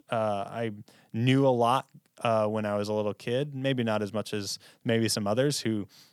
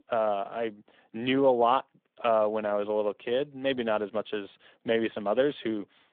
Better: first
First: none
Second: phone-call audio; nothing above 3.5 kHz

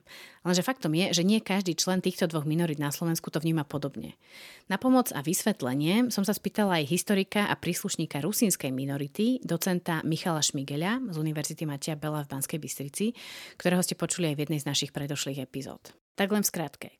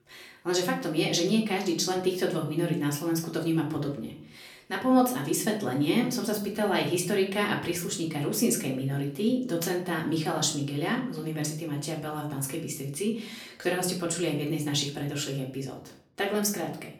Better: first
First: none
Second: room echo; slight; dies away in 0.4 s // off-mic speech; far

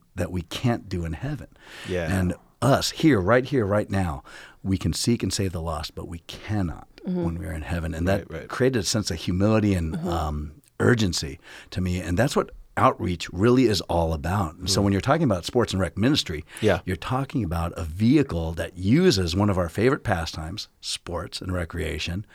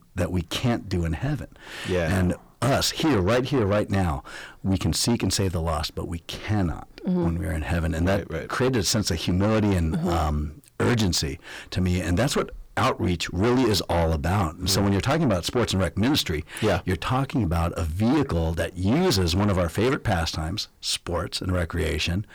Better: first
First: none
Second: distortion; heavy; 7 dB below the speech

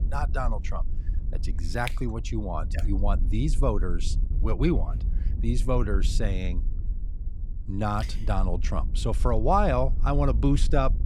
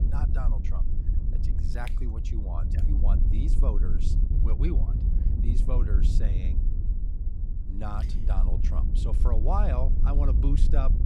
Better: first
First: wind noise on the microphone; occasional gusts; 20 dB below the speech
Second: wind noise on the microphone; heavy; 6 dB below the speech

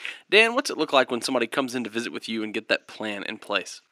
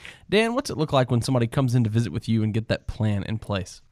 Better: second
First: thin; somewhat; fading below 300 Hz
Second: none

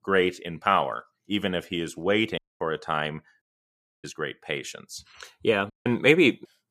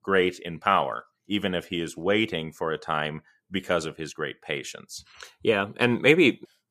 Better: second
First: audio cutting out; at 2.5 s, at 3.5 s for 0.5 s and at 5.5 s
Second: none

